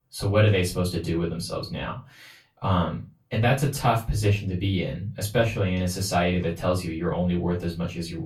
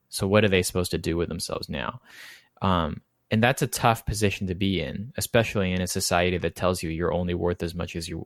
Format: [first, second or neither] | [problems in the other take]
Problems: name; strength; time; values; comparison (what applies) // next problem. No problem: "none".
second | off-mic speech; far // room echo; very slight; dies away in 0.2 s